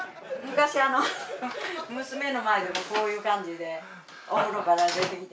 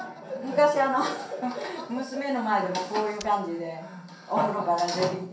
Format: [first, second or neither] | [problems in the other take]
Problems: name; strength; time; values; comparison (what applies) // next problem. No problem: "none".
first | background sound (Shatter); 18 dB below the speech // room echo; dies away in 0.6 s